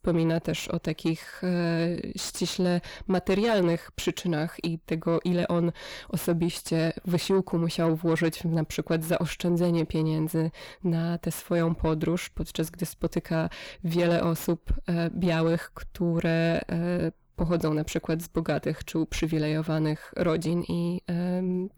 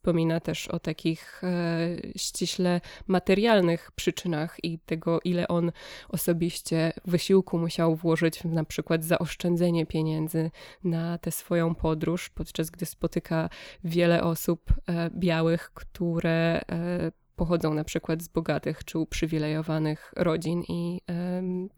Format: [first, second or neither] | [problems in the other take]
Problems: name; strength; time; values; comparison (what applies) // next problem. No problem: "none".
second | distortion; slight; 10 dB below the speech